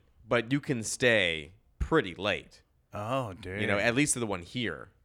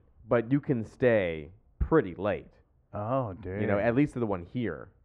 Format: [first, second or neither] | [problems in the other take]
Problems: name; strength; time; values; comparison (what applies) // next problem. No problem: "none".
first | muffled; very; fading above 3 kHz